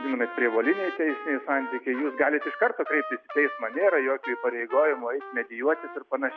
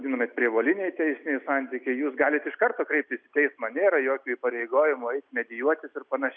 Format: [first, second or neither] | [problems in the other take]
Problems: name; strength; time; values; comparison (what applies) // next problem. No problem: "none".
second | background sound (Trumpet); 12 dB below the speech